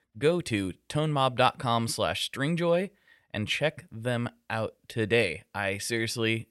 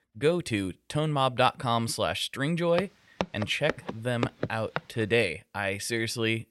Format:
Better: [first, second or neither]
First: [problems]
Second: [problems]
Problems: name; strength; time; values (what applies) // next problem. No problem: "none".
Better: first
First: none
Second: footsteps; noticeable; from 3 to 5 s; peak 5 dB below the speech